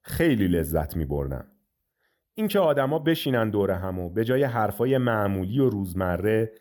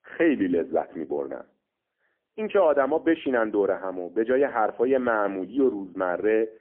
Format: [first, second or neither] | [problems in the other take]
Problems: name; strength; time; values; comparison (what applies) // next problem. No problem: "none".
first | phone-call audio; poor line; nothing above 3 kHz